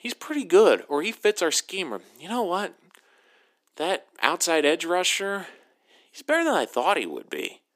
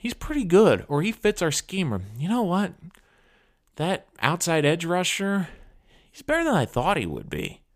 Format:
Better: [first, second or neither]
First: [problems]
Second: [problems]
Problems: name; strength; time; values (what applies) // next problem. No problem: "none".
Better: second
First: thin; somewhat; fading below 300 Hz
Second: none